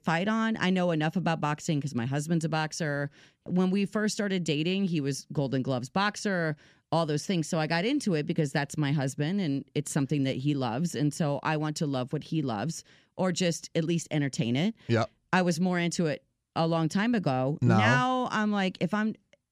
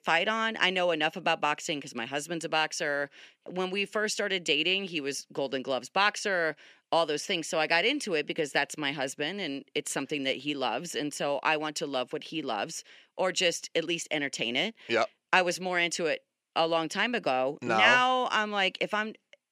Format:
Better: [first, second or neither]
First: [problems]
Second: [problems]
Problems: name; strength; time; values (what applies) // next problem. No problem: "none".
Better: first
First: none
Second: thin; somewhat; fading below 450 Hz